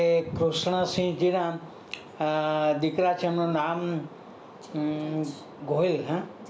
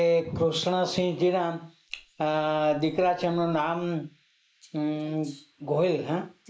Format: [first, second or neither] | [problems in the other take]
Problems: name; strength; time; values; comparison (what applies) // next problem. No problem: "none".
first | noise reduction (neural mask model Resemble Enhance denoiser)